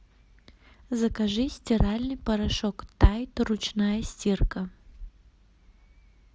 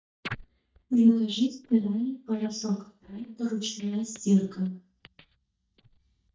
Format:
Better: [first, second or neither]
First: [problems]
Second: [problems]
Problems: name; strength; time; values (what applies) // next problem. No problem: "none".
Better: first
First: none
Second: noise reduction (neural mask model DeepFilterNet 3)